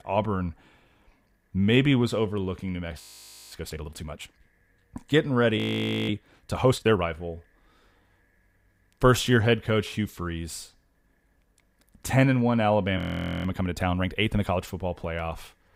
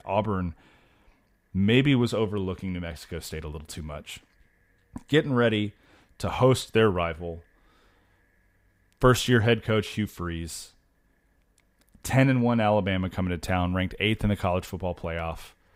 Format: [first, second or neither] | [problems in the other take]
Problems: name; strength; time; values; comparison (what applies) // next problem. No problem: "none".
second | audio freezing; at 3 s for 0.5 s, at 5.5 s for 0.5 s and at 13 s